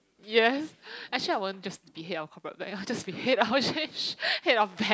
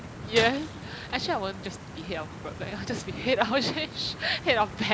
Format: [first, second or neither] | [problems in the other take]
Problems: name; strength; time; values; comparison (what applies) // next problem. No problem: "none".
first | background sound (Stream + Shatter); 10 dB below the speech